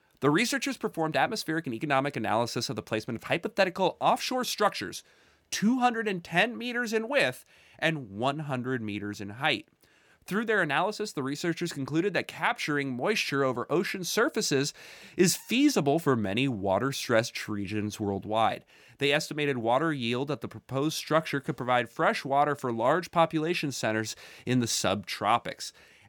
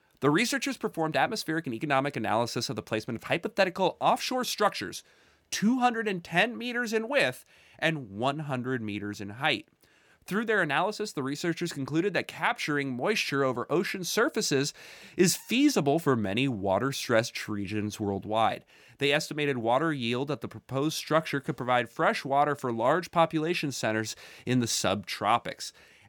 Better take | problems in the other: neither | none

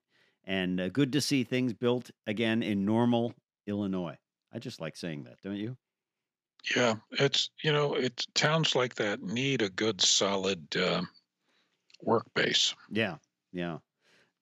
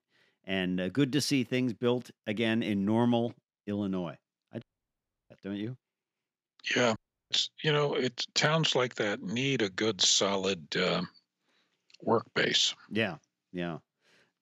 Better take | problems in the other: first | audio cutting out; at 4.5 s for 0.5 s and at 7 s

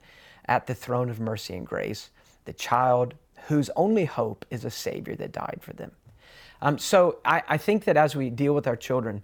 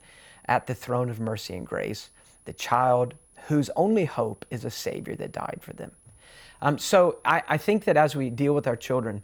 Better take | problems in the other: first | high-pitched whine; faint; throughout; 10.5 kHz, 30 dB below the speech

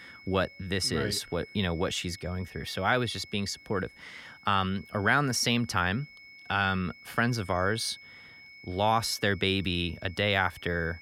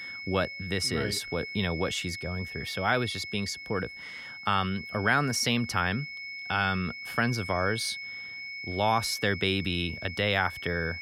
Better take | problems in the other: first | high-pitched whine; loud; throughout; 2 kHz, 9 dB below the speech; faint in the first

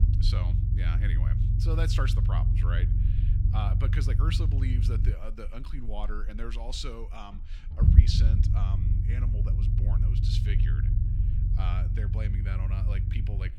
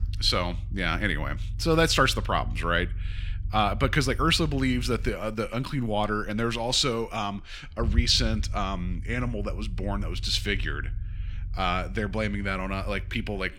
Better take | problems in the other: second | low rumble; loud; throughout; 2 dB below the speech; faint in the second

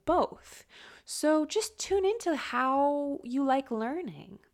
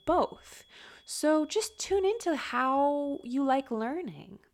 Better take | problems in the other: first | high-pitched whine; faint; until 3.5 s; 3.5 kHz, 30 dB below the speech

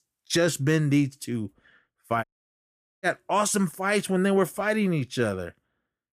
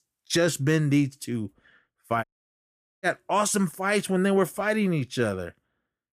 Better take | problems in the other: neither | audio cutting out; at 2 s for 1 s; the same in both

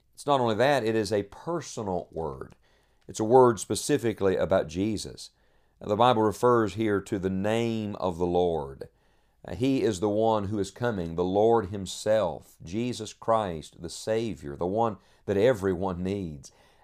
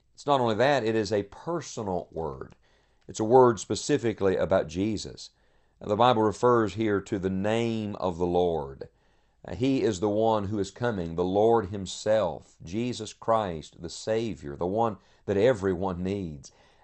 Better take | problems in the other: first | garbled, watery; slightly; nothing above 8 kHz

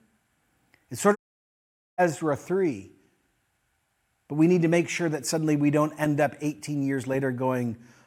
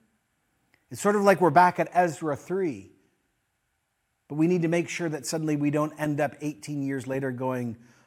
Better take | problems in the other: second | audio cutting out; at 1 s for 1 s

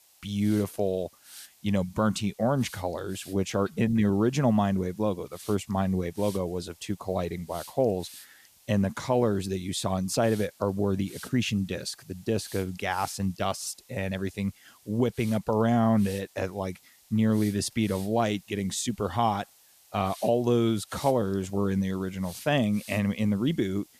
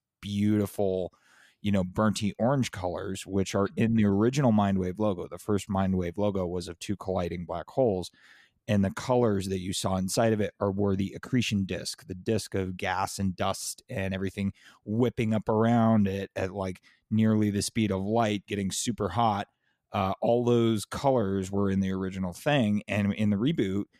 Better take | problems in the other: second | hiss; faint; throughout; 20 dB below the speech

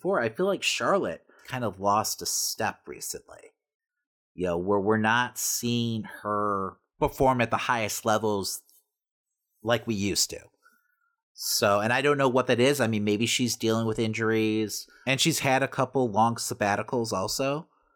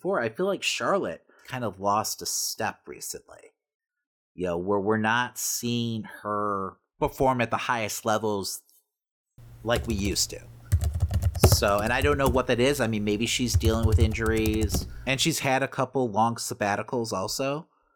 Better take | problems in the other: first | keyboard typing; loud; from 10 to 15 s; peak 4 dB above the speech

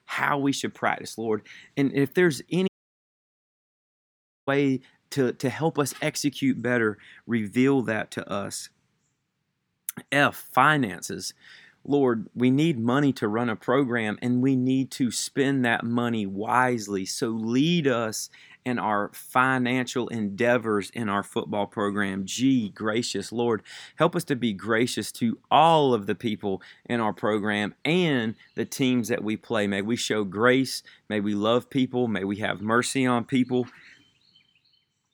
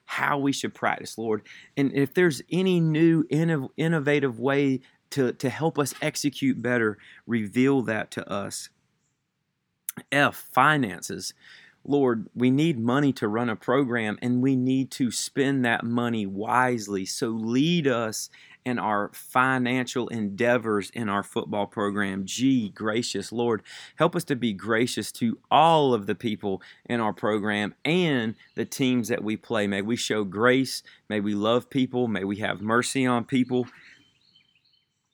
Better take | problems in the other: second | audio cutting out; at 2.5 s for 2 s

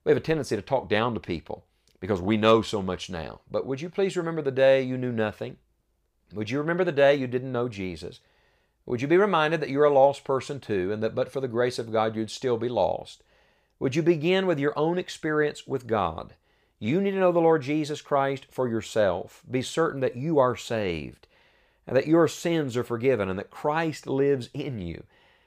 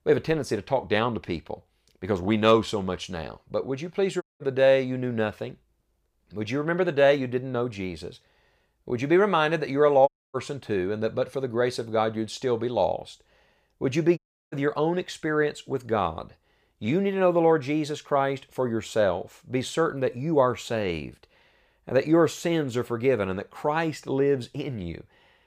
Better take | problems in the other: first | audio cutting out; at 4 s, at 10 s and at 14 s

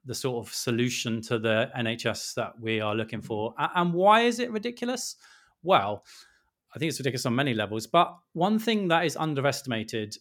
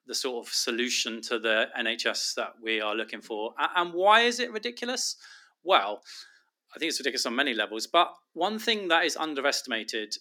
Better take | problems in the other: first | thin; somewhat; fading below 250 Hz

